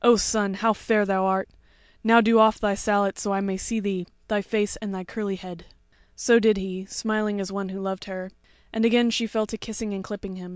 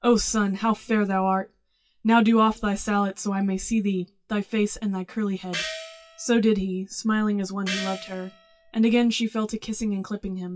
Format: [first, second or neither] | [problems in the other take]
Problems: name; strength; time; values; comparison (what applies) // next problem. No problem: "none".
first | noise reduction (classical method WPE with log-MMSE)